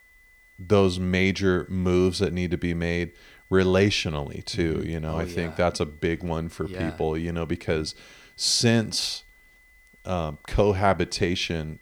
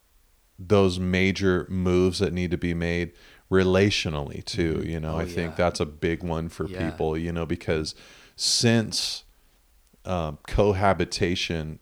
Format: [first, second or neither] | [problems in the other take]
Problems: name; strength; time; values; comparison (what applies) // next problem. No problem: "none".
second | high-pitched whine; faint; throughout; 2 kHz, 30 dB below the speech